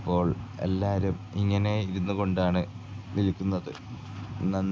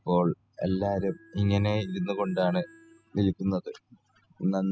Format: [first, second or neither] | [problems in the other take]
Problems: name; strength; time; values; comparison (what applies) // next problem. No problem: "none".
first | noise reduction (classical method spectral subtraction)